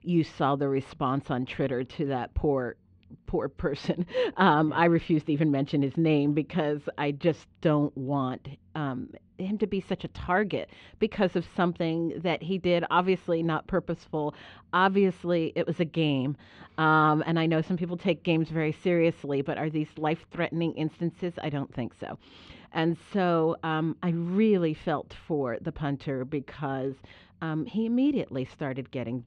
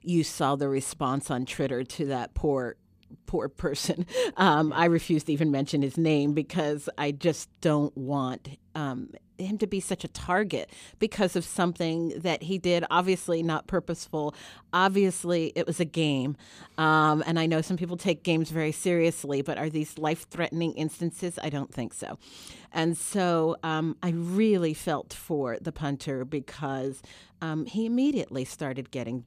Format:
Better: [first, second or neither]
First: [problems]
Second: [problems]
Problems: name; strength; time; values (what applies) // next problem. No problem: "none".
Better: second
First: muffled; slightly; fading above 3 kHz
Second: none